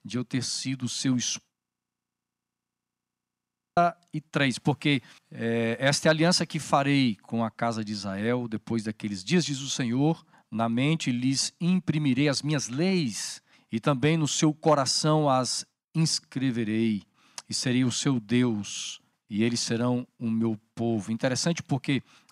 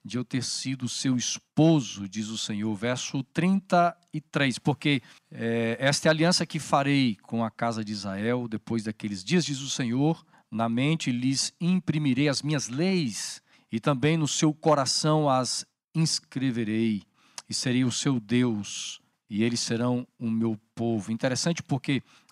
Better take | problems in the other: second | audio freezing; at 1.5 s for 2 s

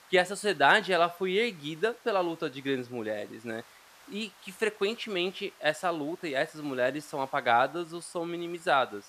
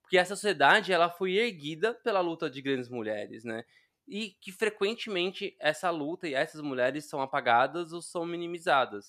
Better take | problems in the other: second | hiss; faint; throughout; 25 dB below the speech

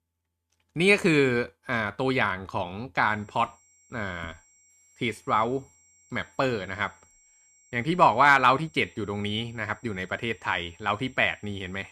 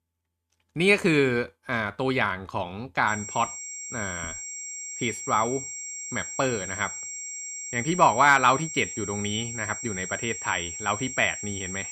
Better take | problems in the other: first | high-pitched whine; loud; from 3 s on; 7.5 kHz, 8 dB below the speech; faint in the first

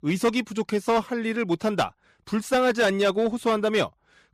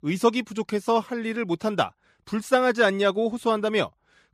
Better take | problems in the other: second | distortion; slight; 7% of the sound clipped

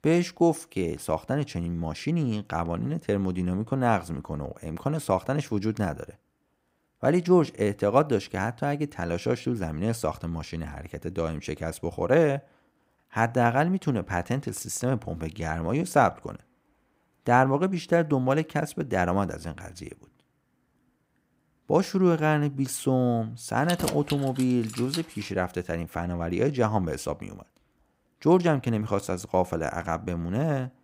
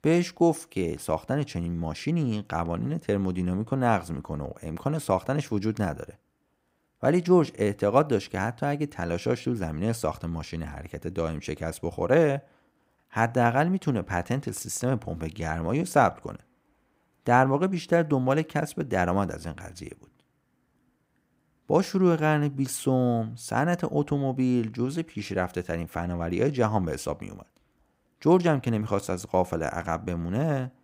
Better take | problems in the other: second | jangling keys; noticeable; from 24 to 25 s; peak 5 dB below the speech

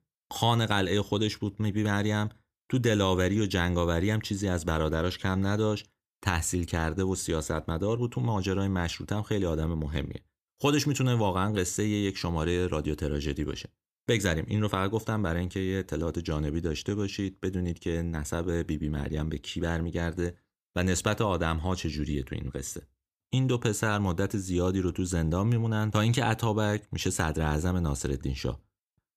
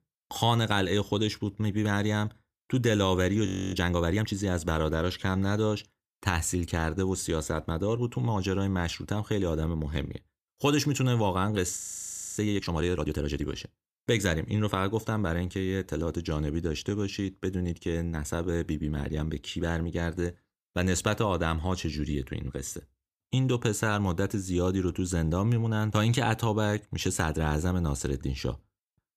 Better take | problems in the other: first | audio freezing; at 3.5 s and at 12 s for 0.5 s

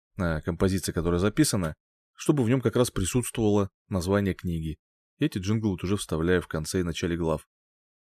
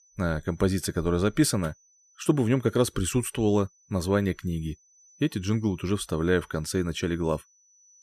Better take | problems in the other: first | high-pitched whine; faint; throughout; 6 kHz, 30 dB below the speech

